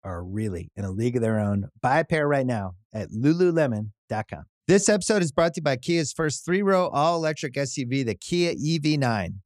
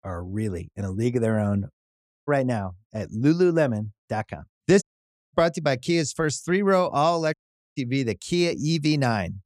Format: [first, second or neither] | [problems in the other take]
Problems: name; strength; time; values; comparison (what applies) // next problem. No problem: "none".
first | audio cutting out; at 1.5 s for 0.5 s, at 5 s for 0.5 s and at 7.5 s